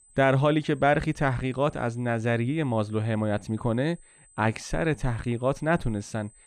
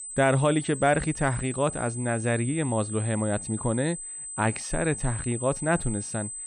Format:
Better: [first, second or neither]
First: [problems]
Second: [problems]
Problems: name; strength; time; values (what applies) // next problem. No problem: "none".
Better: first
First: high-pitched whine; faint; throughout; 8 kHz, 30 dB below the speech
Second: high-pitched whine; loud; throughout; 8 kHz, 8 dB below the speech